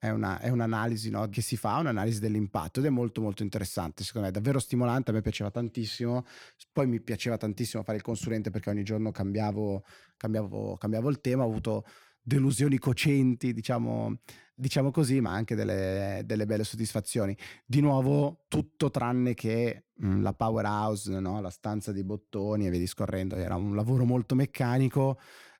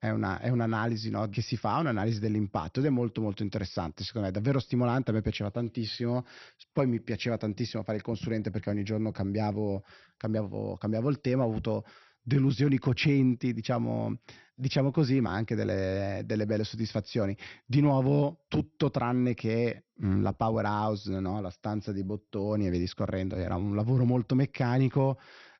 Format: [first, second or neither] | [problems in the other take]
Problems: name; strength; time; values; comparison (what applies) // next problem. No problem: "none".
first | garbled, watery; slightly; nothing above 6 kHz